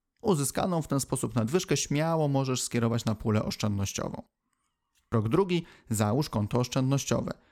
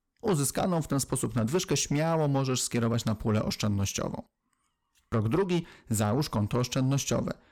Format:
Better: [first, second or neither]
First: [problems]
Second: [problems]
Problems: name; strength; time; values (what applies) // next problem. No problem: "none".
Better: first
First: none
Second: distortion; slight; 10 dB below the speech